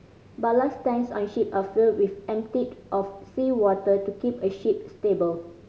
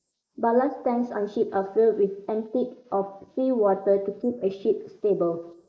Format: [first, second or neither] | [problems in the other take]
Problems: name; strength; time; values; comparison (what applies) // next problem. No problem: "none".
first | noise reduction (neural mask model Resemble Enhance denoiser)